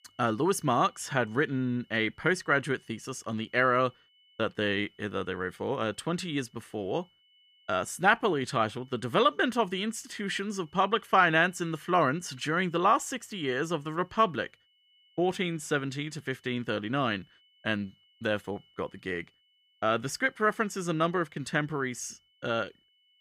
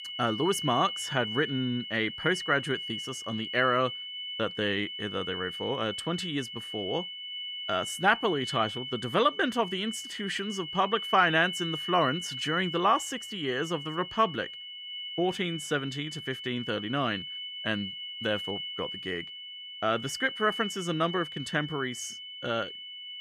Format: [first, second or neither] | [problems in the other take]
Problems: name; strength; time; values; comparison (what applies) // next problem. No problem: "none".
first | high-pitched whine; loud; throughout; 3 kHz, 6 dB below the speech; faint in the first